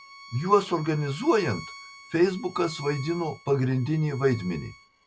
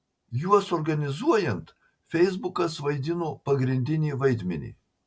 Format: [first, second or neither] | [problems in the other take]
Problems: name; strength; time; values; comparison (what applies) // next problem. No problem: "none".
second | background sound (Bowed string instrument); 19 dB below the speech